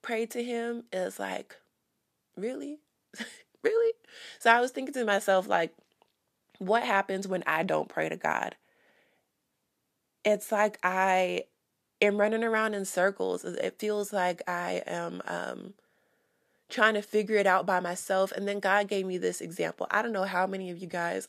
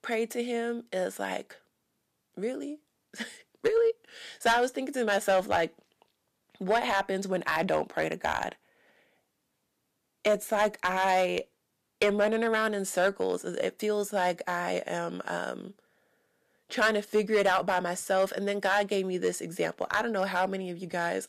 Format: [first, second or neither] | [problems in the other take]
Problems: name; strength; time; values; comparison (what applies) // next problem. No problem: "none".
first | distortion; slight; 1.8% of the sound clipped